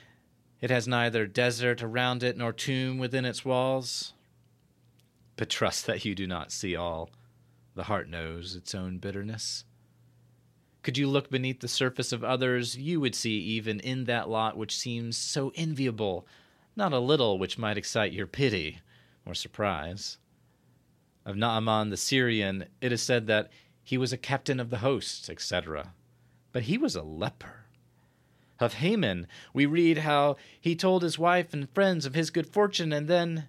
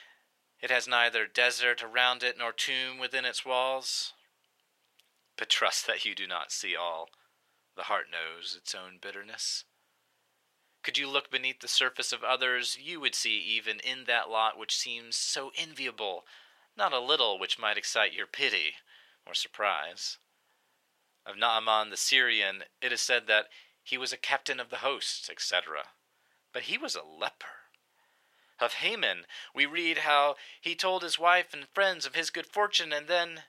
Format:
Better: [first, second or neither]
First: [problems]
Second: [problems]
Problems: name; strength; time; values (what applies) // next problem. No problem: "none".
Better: first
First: none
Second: thin; very; fading below 800 Hz